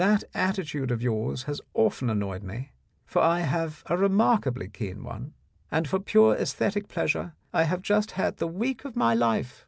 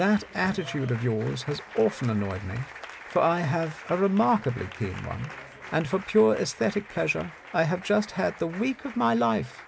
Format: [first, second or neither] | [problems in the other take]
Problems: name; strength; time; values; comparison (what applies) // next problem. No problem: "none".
first | background sound (Applause); 17 dB below the speech